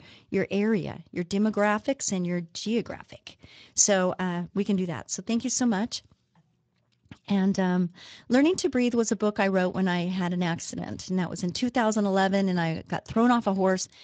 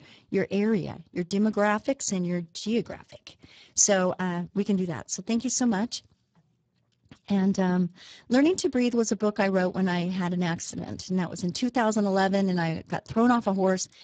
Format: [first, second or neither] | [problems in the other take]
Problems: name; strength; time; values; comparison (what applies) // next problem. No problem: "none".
first | garbled, watery; badly; slightly in the first